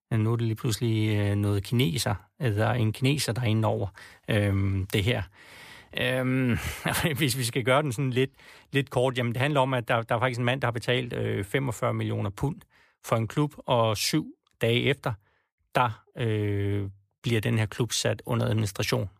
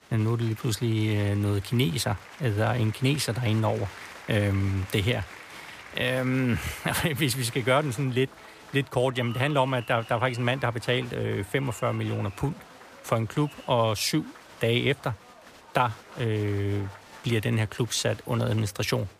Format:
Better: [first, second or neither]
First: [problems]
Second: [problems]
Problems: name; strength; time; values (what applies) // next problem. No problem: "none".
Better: first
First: none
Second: crowd noise; noticeable; throughout; 20 dB below the speech